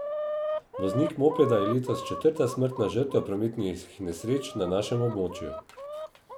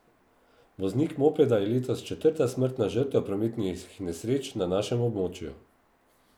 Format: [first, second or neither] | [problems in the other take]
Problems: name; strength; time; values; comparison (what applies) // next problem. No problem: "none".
second | background sound (Chicken, rooster); 8 dB below the speech